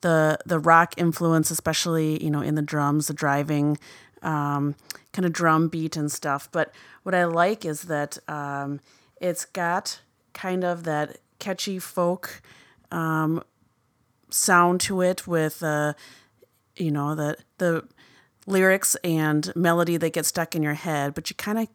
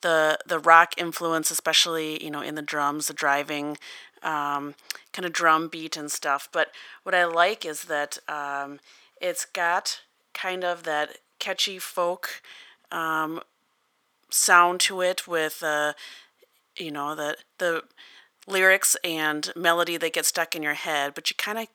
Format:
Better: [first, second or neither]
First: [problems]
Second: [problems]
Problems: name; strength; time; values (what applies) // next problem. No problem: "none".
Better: first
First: none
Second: thin; very; fading below 500 Hz